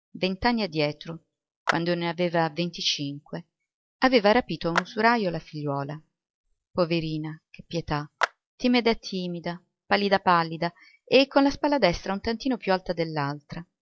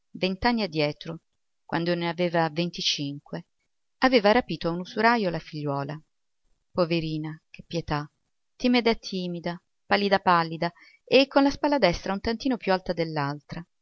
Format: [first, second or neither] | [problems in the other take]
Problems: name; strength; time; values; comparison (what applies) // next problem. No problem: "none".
second | noise reduction (classical method log-MMSE)